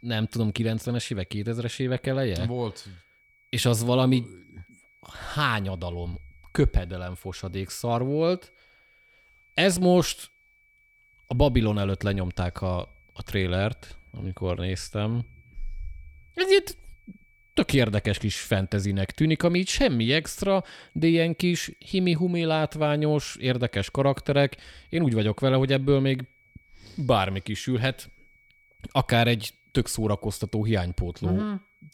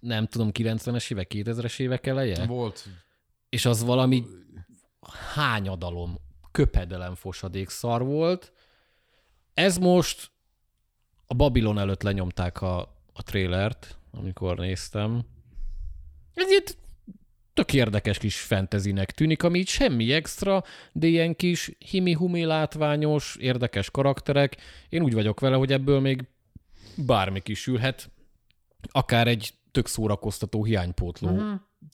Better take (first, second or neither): second